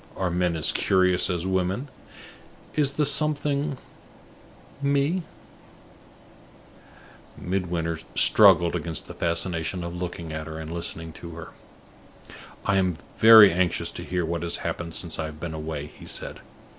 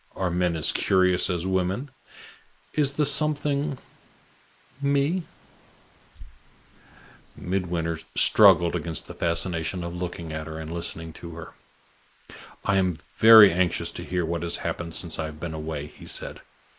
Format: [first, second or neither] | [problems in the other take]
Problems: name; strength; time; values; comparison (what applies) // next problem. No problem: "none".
first | noise reduction (neural mask model Resemble Enhance denoiser)